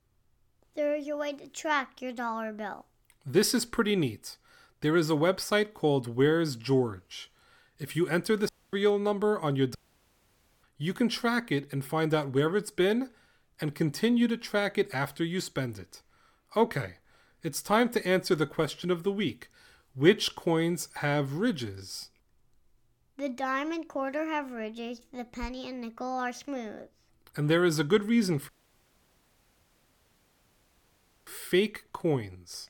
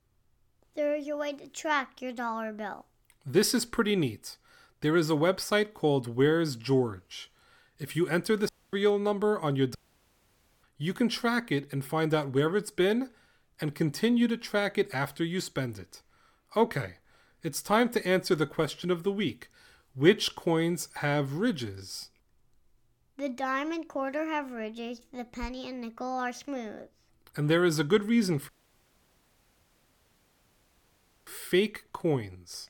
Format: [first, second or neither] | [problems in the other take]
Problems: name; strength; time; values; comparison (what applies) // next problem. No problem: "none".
neither | audio cutting out; at 8.5 s, at 10 s for 1 s and at 28 s for 3 s; the same in both